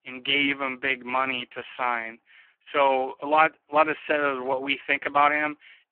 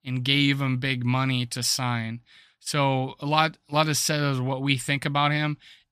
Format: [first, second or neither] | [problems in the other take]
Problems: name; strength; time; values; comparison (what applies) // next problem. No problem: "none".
second | phone-call audio; poor line